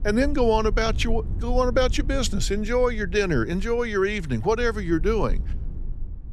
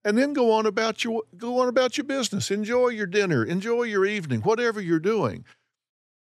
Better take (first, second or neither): second